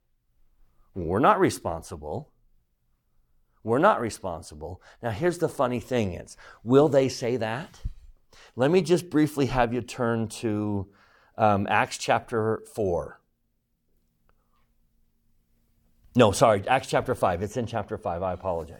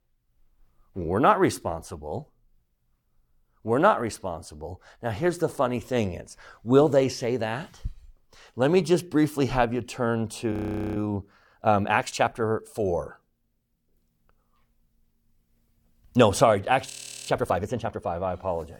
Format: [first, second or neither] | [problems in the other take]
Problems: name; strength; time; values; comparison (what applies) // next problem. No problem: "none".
first | audio freezing; at 11 s and at 17 s